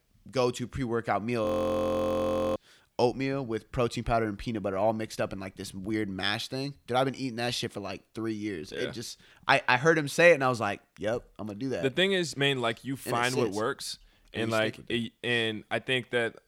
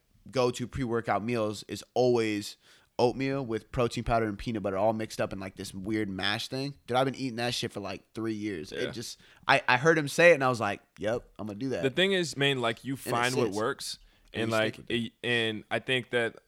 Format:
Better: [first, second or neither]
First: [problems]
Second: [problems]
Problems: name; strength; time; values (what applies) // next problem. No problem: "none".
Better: second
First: audio freezing; at 1.5 s for 1 s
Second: none